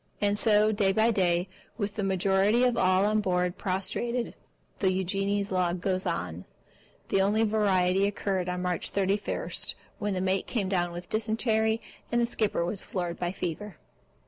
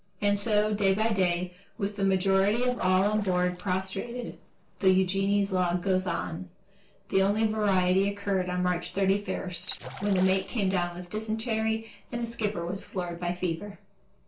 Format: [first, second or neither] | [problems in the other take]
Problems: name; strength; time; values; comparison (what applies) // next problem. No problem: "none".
first | noise reduction (neural separator model SepFormer DNS4)